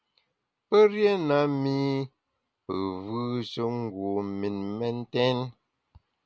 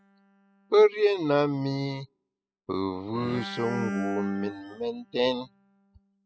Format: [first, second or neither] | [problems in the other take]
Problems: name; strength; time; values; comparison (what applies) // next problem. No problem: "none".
first | noise reduction (classical method spectral subtraction)